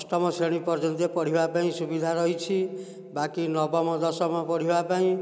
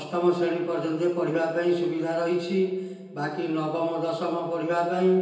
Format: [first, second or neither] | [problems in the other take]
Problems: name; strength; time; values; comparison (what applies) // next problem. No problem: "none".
first | room echo; dies away in 0.9 s